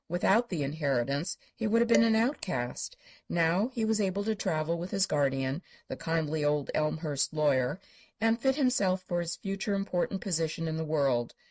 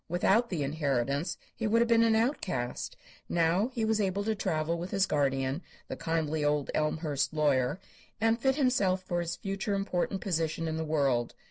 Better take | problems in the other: second | noise reduction (neural mask model RNNoise)

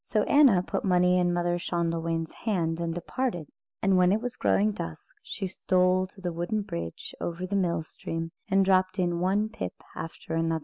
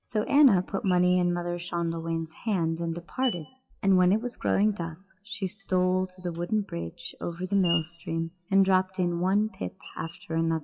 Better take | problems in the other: first | noise reduction (classical method WPE with log-MMSE)

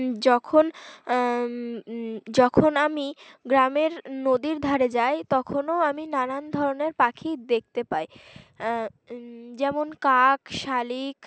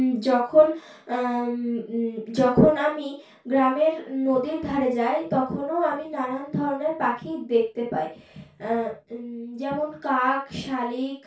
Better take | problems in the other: first | room echo; dies away in 0.2 s

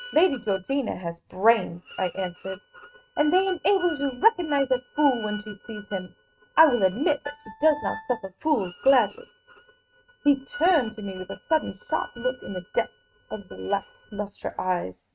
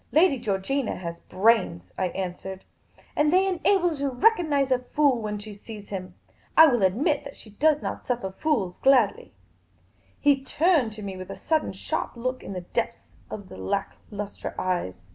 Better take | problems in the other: second | noise reduction (neural mask model RNNoise)

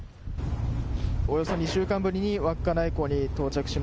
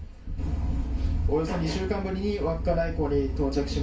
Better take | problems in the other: first | room echo; dies away in 0.3 s

